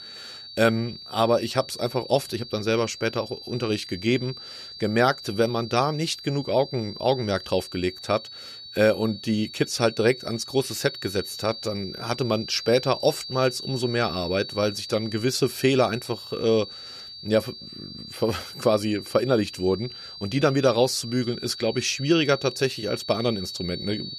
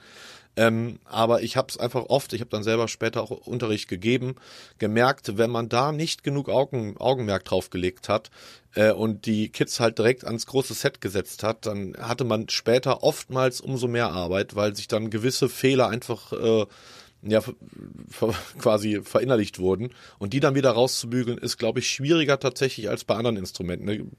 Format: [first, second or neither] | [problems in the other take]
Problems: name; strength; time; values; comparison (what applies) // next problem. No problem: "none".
second | high-pitched whine; noticeable; throughout; 4.5 kHz, 10 dB below the speech